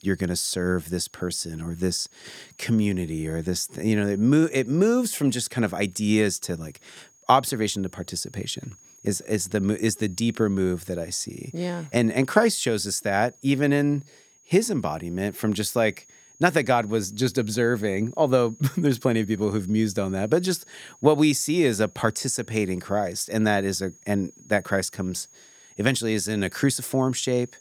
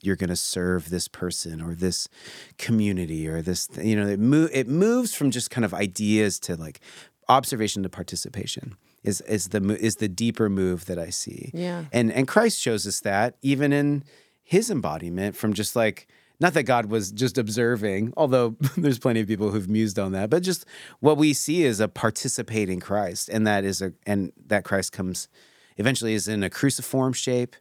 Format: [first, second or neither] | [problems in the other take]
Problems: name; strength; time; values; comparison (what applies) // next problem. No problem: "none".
second | high-pitched whine; faint; throughout; 6.5 kHz, 25 dB below the speech